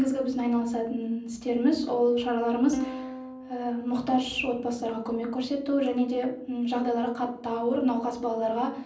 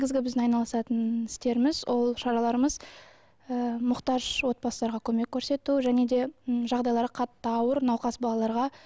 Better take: second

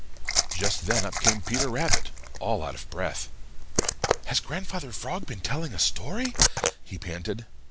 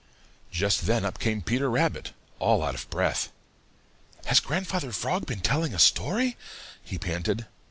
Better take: second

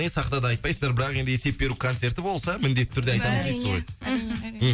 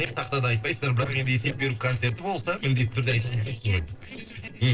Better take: first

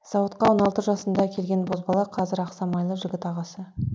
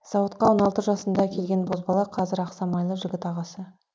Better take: first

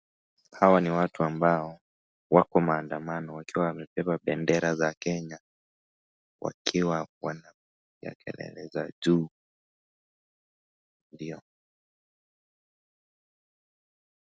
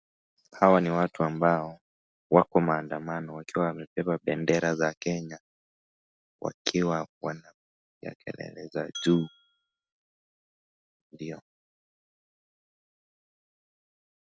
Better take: first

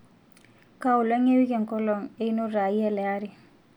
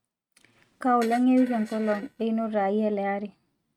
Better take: first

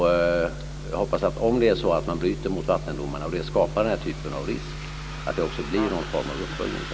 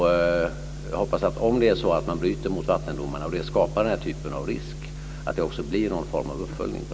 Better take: second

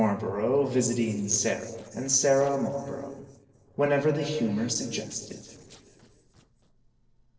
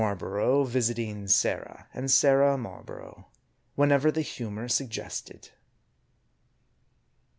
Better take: second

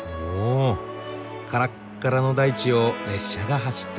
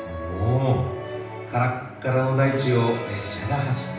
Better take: first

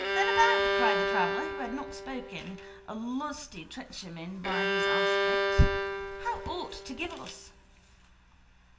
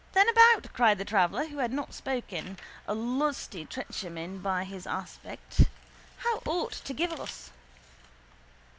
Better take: second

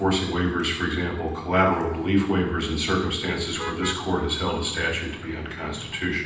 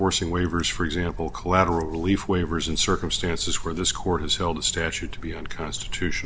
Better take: second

